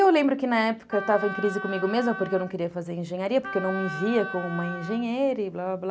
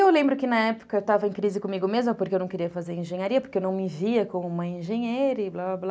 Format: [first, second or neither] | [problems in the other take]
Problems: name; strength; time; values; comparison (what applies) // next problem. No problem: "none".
second | background sound (Wind instrument, woodwind instrument); 10 dB below the speech